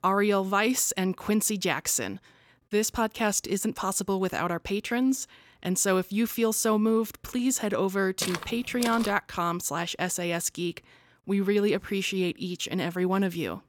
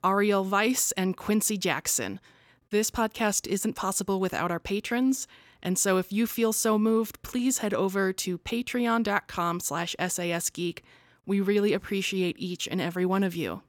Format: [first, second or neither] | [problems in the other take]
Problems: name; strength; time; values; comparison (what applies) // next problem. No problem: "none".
second | footsteps; noticeable; at 8 s; peak 6 dB below the speech